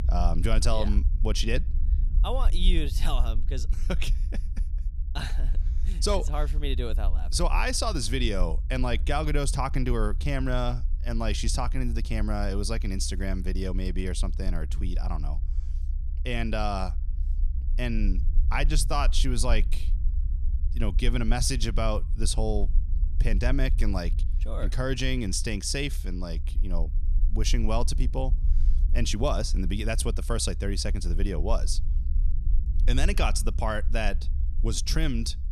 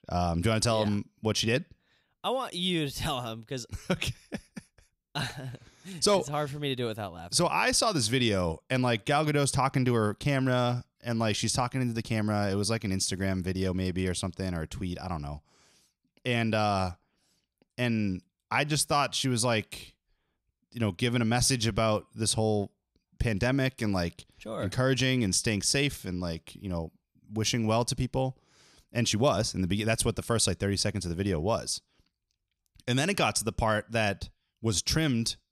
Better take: second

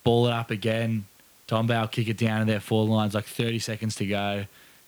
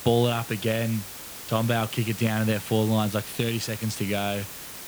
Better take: first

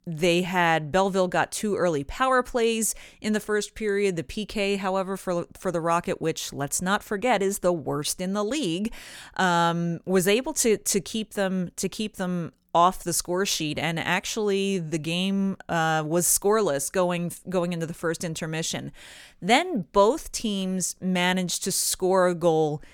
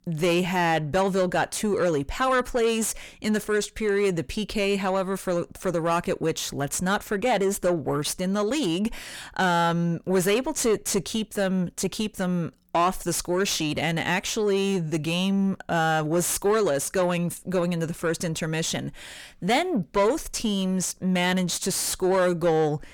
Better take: first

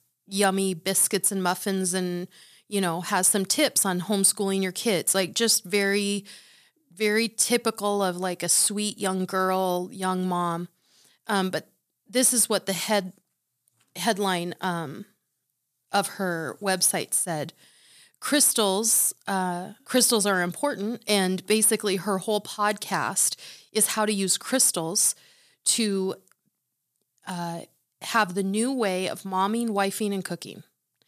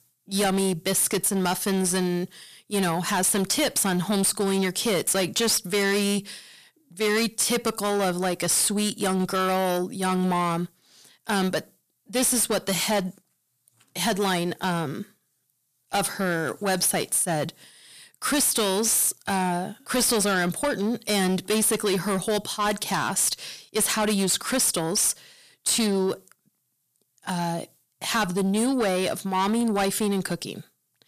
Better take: first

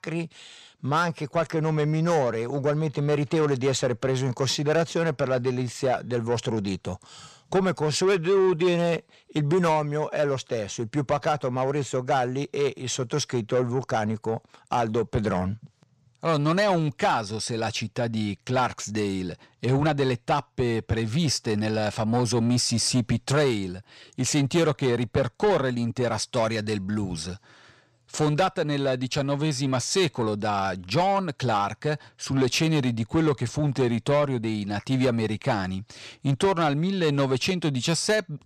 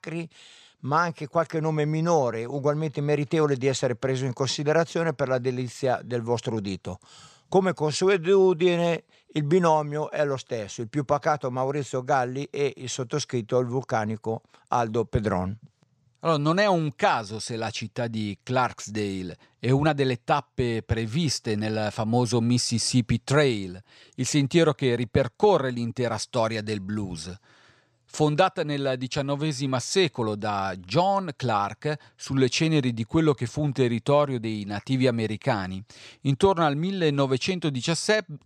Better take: second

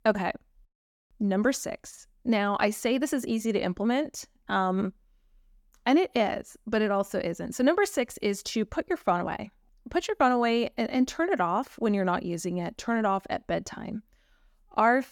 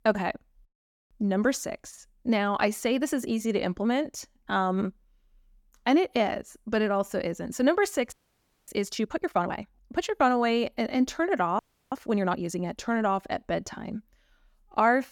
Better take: first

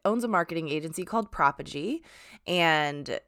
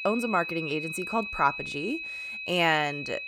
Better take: first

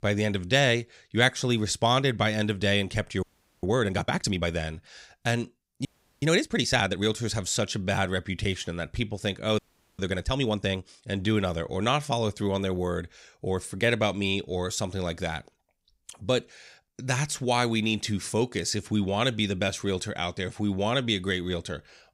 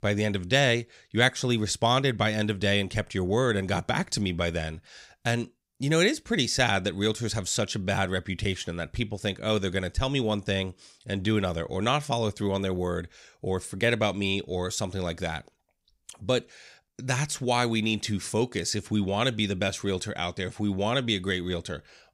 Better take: second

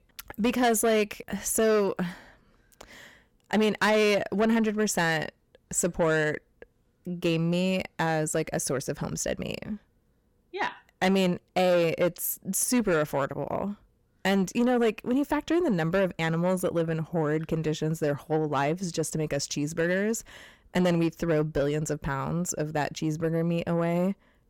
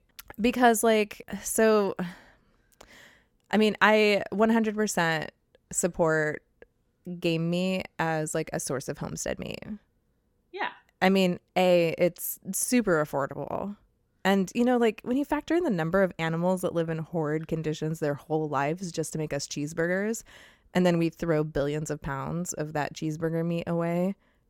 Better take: second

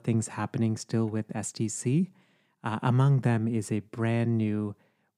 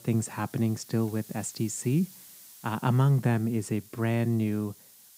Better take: first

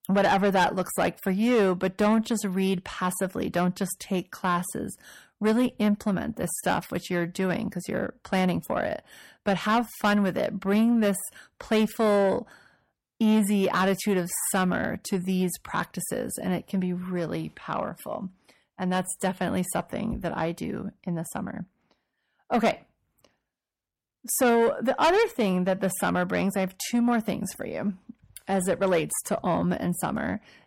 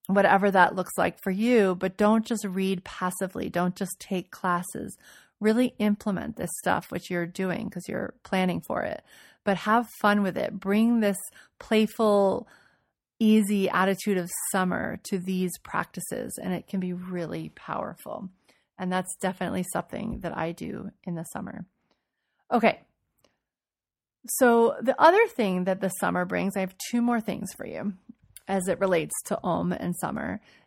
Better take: second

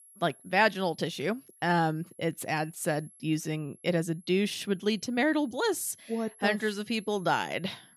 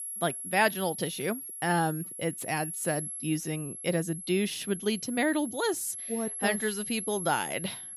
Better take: first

